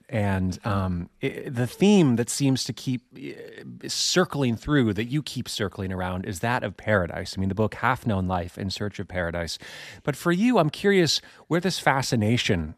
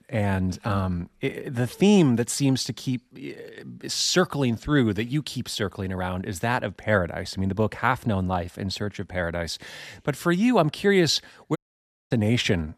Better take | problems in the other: first | audio cutting out; at 12 s for 0.5 s

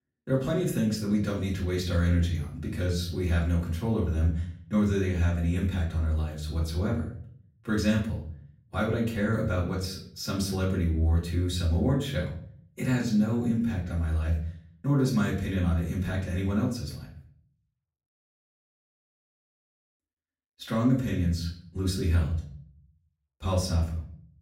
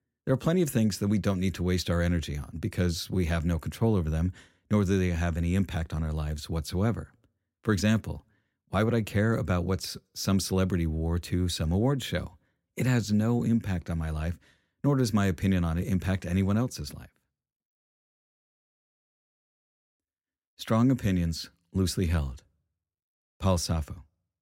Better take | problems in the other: second | off-mic speech; far // room echo; slight; dies away in 0.5 s

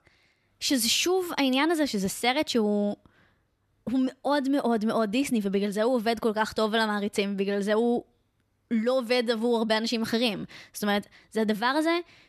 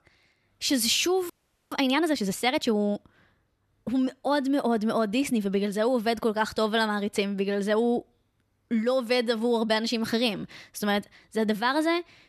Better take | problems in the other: first | audio freezing; at 1.5 s

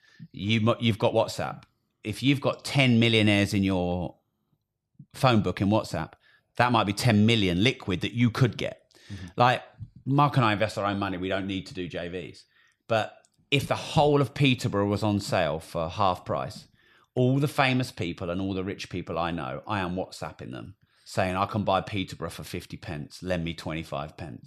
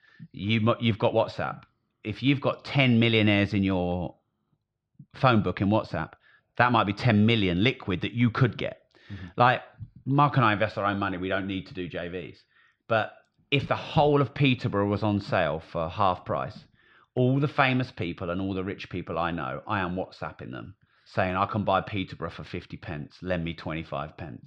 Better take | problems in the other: first | muffled; slightly; fading above 3.5 kHz

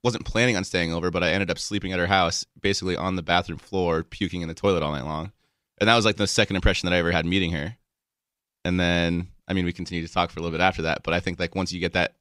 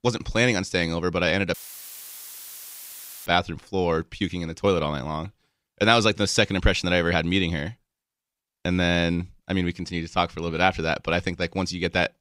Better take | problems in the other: first | audio cutting out; filled with static; at 1.5 s for 1.5 s

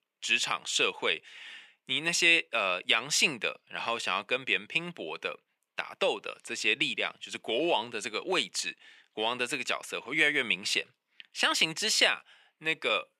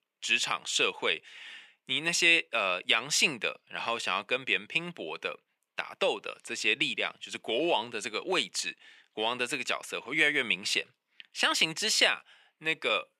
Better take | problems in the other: neither | thin; somewhat; fading below 450 Hz; the same in both

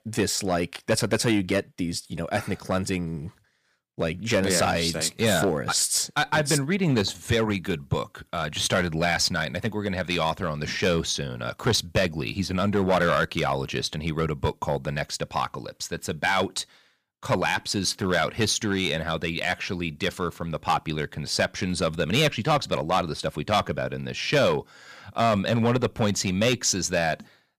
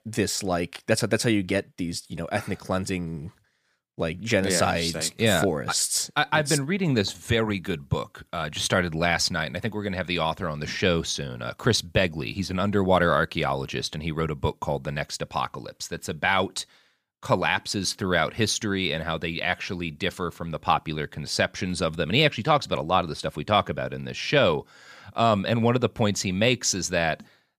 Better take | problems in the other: second | distortion; slight; 3% of the sound clipped

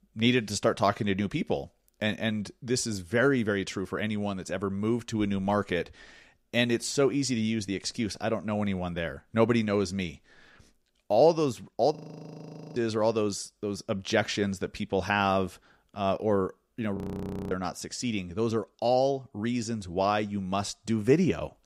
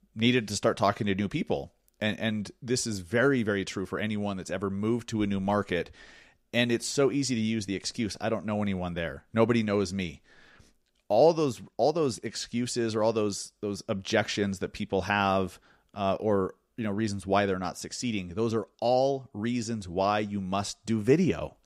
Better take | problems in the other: second | audio freezing; at 12 s for 1 s and at 17 s for 0.5 s

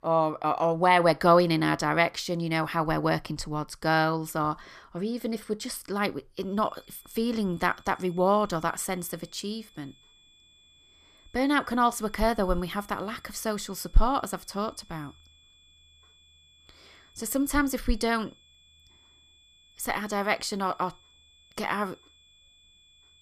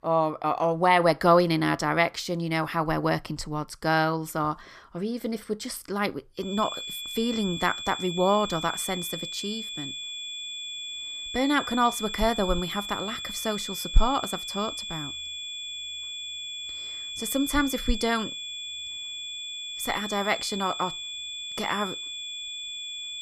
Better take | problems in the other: first | high-pitched whine; loud; from 6.5 s on; 3.5 kHz, 6 dB below the speech; faint in the first

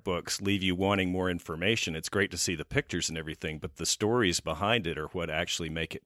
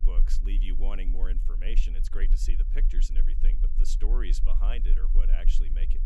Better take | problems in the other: first | low rumble; noticeable; throughout; 10 dB below the speech

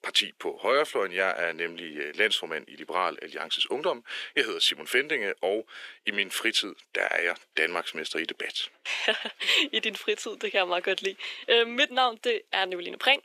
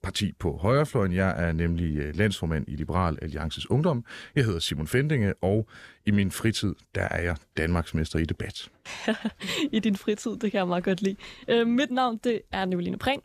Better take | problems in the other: second | thin; very; fading below 350 Hz

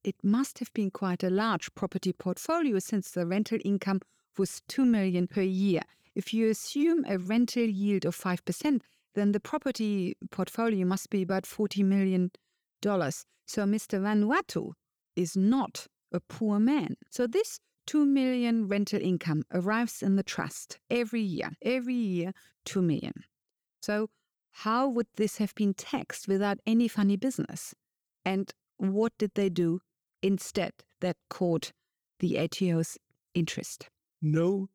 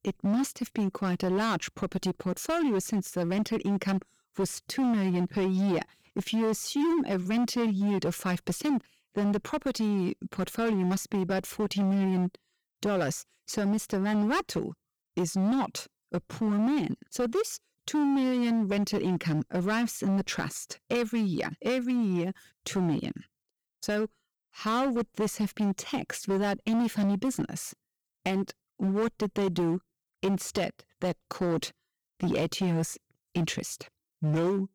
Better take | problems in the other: first | distortion; slight; 16% of the sound clipped

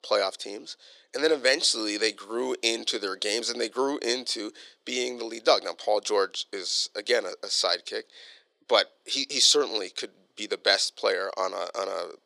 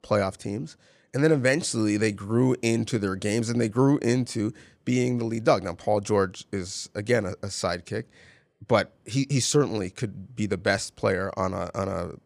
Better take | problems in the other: second | thin; very; fading below 400 Hz

